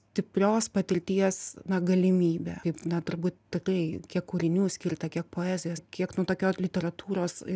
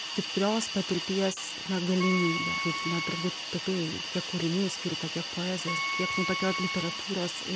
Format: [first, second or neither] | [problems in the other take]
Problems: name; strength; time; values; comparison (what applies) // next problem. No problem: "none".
first | background sound (Wind instrument, woodwind instrument + Hiss); 3 dB below the speech